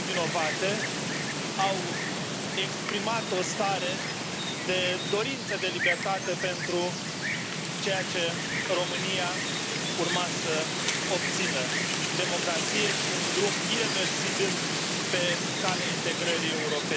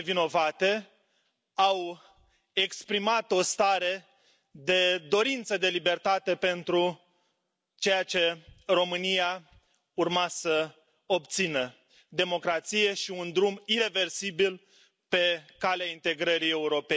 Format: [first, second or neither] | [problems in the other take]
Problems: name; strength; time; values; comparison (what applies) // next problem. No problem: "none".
second | background sound (Wind); 2 dB above the speech